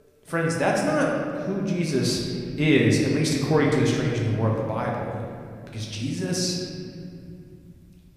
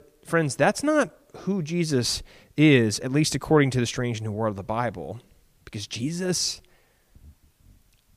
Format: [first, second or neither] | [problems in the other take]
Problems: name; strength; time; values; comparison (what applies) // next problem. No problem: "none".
second | room echo; noticeable; dies away in 2.3 s // off-mic speech; somewhat distant